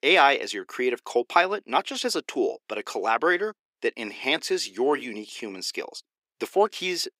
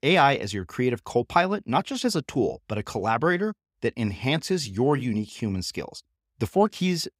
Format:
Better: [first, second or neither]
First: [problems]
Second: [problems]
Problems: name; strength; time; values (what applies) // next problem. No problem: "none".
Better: second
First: thin; somewhat; fading below 350 Hz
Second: none